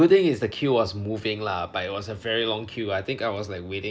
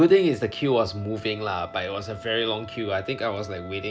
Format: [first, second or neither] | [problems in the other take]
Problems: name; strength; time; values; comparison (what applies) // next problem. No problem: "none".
first | background sound (Wind instrument, woodwind instrument); 18 dB below the speech